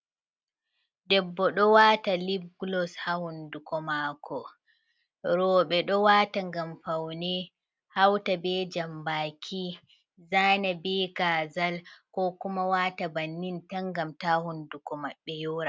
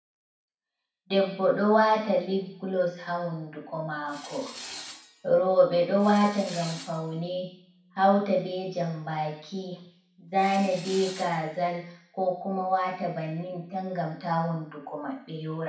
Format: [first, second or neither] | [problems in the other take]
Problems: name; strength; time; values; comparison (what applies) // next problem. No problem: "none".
first | background sound (Tools); 16 dB below the speech // room echo; dies away in 0.6 s